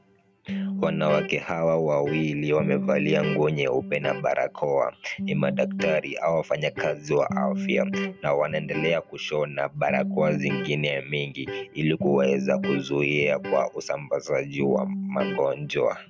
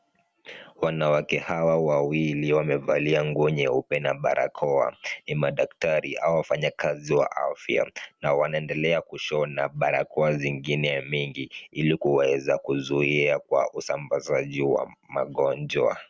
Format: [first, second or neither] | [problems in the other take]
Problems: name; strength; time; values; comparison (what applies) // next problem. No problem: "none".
second | background sound (Electric guitar); 7 dB below the speech